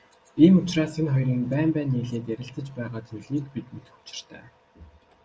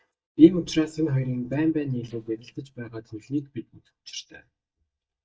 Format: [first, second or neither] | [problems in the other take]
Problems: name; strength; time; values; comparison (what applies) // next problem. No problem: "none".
first | noise reduction (neural mask model DeepFilterNet 3)